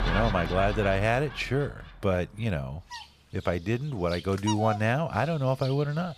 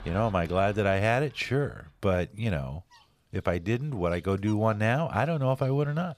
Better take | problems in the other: second | animal sounds; loud; throughout; 8 dB below the speech; faint in the second

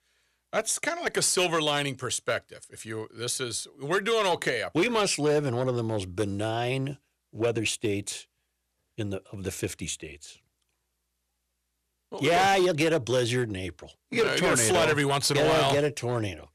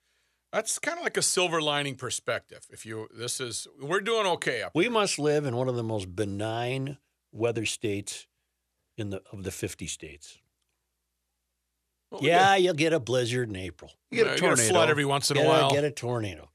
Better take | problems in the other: second | distortion; slight; 5% of the sound clipped

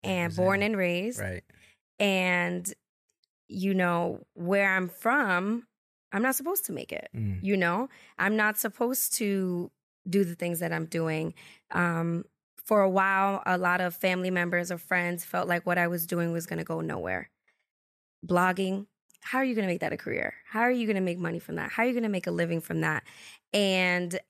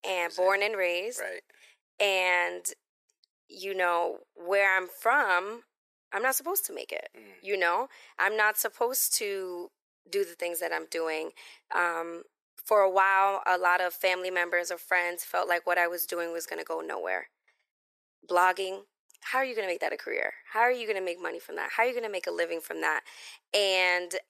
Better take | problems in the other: first | thin; very; fading below 400 Hz

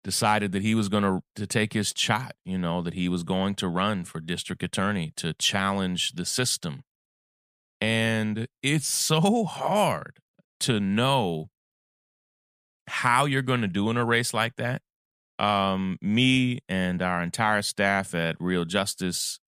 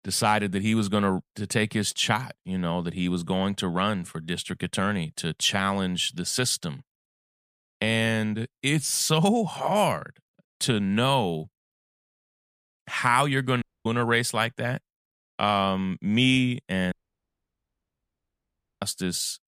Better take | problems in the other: first | audio cutting out; at 14 s and at 17 s for 2 s

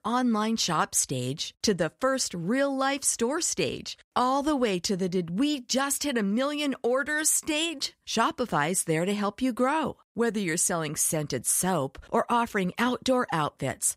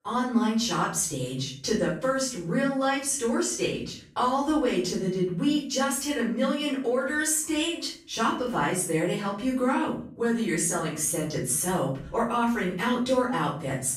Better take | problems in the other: first | off-mic speech; far // room echo; noticeable; dies away in 0.5 s

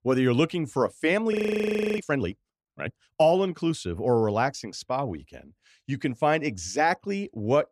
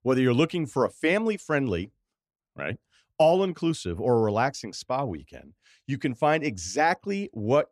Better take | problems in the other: second | audio freezing; at 1.5 s for 0.5 s

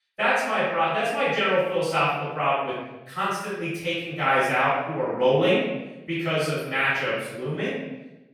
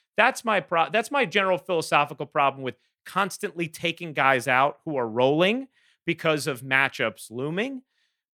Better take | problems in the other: second | room echo; strong; dies away in 0.9 s // off-mic speech; far

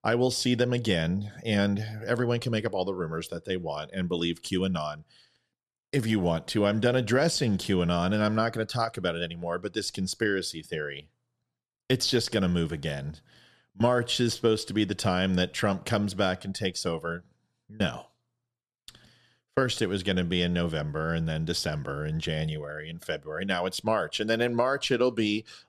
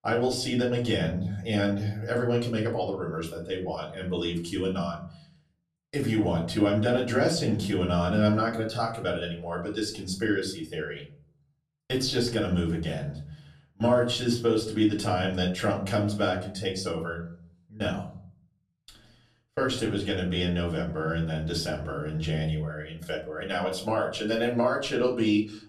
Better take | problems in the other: first | off-mic speech; far // room echo; slight; dies away in 0.5 s

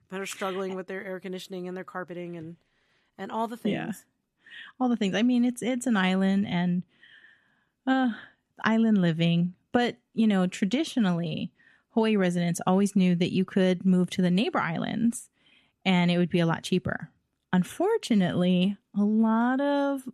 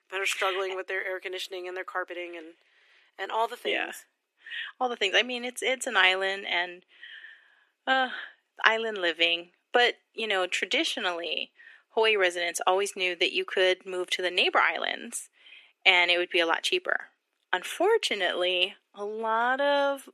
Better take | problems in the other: first | thin; very; fading below 350 Hz

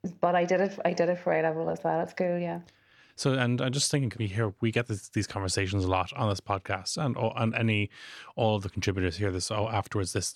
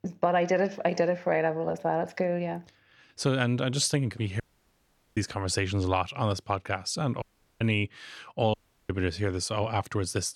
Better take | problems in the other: first | audio cutting out; at 4.5 s for 1 s, at 7 s and at 8.5 s

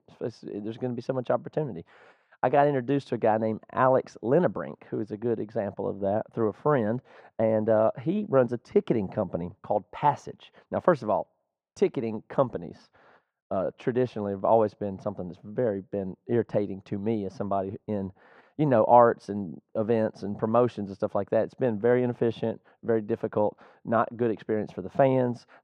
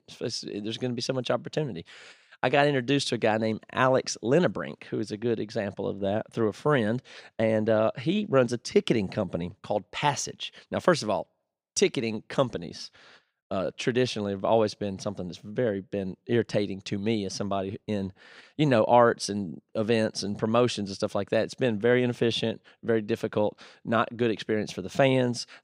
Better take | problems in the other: second | muffled; very; fading above 2.5 kHz

